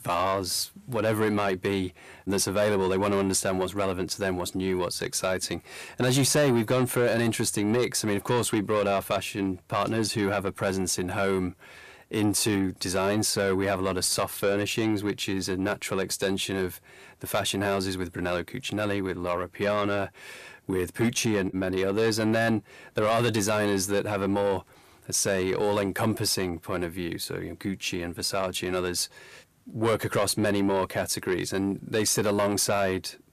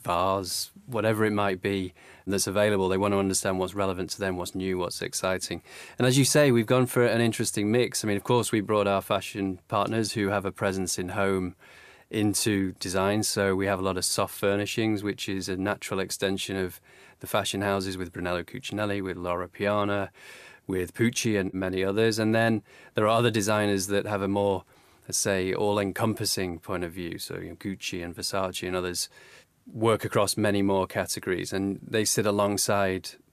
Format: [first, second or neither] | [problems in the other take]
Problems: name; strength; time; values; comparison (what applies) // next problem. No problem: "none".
second | distortion; slight; 10 dB below the speech